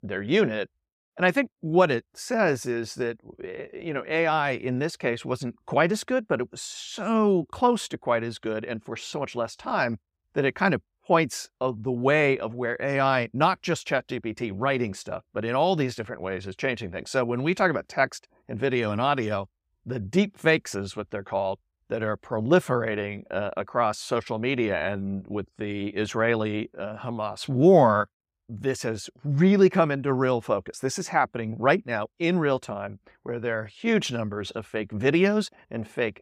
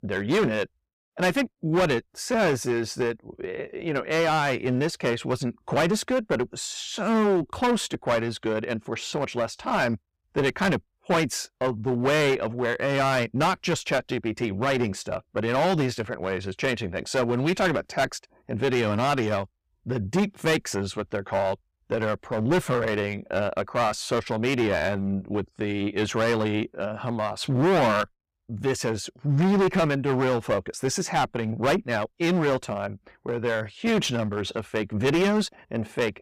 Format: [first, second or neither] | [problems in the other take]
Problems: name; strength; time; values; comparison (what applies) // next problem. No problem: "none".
first | distortion; heavy; 11% of the sound clipped